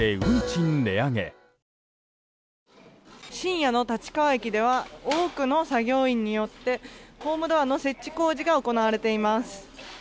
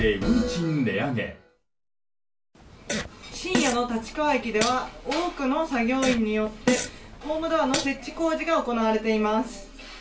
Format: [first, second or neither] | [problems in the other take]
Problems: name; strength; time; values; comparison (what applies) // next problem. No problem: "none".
first | background sound (Fart); 6 dB below the speech // room echo; dies away in 0.3 s